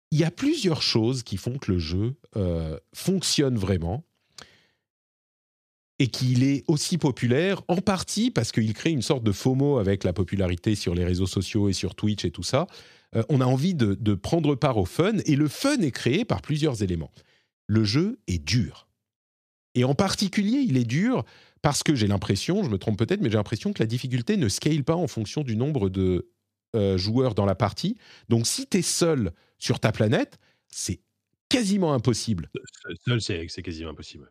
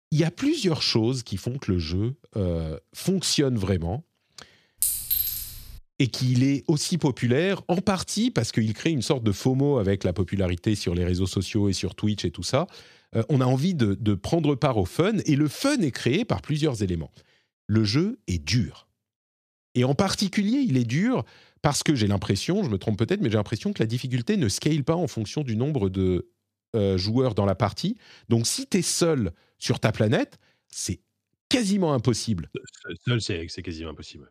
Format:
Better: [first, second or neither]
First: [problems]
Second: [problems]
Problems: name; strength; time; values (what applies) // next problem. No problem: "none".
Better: first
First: none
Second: clattering dishes; loud; at 5 s; peak 3 dB above the speech